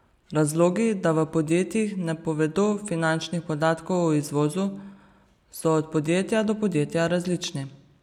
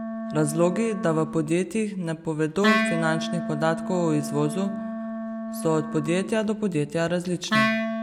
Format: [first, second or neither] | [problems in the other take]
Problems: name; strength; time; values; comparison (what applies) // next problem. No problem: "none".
first | background sound (Wind instrument, woodwind instrument); 4 dB below the speech